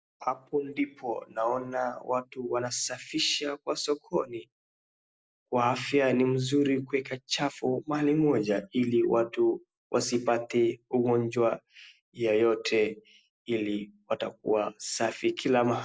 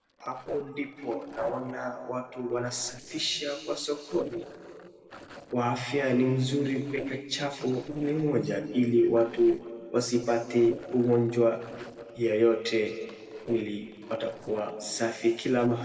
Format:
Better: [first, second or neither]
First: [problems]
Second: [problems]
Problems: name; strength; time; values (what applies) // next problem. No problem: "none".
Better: first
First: none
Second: noise reduction (neural separator model SepFormer DNS4)